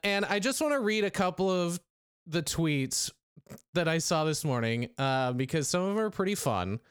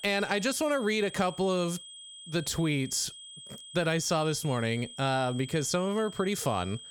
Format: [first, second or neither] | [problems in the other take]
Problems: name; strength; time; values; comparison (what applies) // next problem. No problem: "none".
first | high-pitched whine; noticeable; throughout; 3.5 kHz, 15 dB below the speech